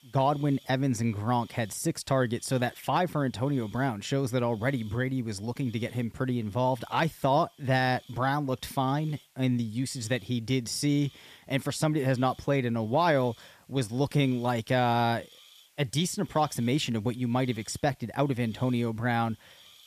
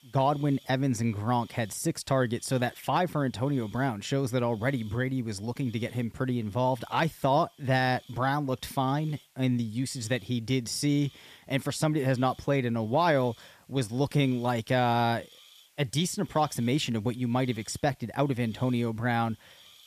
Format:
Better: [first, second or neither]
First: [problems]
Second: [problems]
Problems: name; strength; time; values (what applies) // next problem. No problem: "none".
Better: neither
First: hiss; faint; throughout; 25 dB below the speech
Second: hiss; faint; throughout; 25 dB below the speech